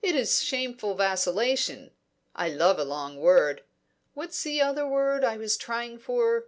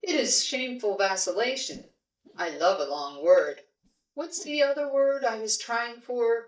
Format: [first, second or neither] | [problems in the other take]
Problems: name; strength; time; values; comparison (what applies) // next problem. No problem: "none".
first | noise reduction (neural mask model DeepFilterNet 3)